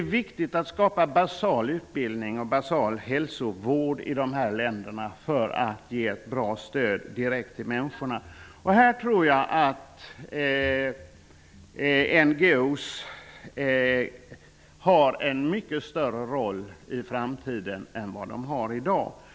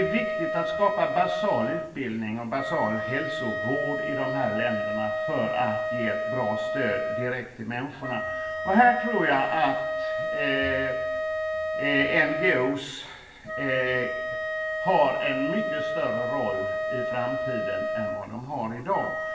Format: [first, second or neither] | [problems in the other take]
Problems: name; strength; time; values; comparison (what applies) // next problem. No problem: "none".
first | background sound (Wind instrument, woodwind instrument); 1 dB below the speech // room echo; dies away in 0.9 s